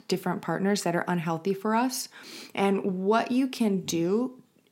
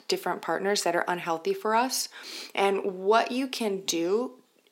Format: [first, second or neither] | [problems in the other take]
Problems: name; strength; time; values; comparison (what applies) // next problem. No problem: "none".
first | thin; somewhat; fading below 450 Hz